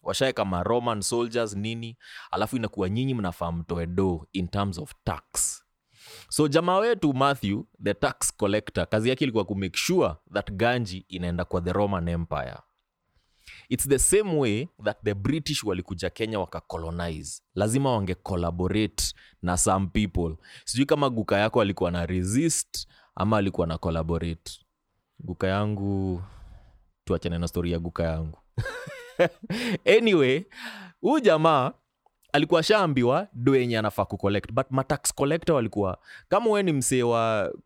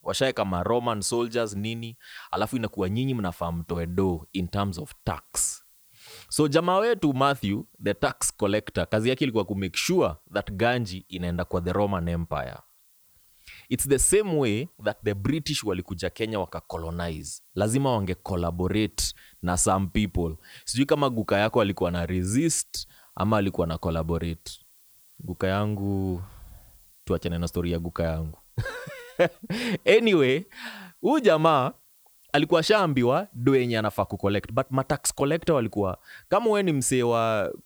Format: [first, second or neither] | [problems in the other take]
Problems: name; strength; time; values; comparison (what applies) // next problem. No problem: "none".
first | hiss; faint; throughout; 30 dB below the speech